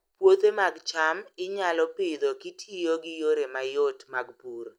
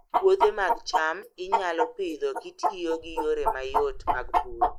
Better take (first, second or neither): first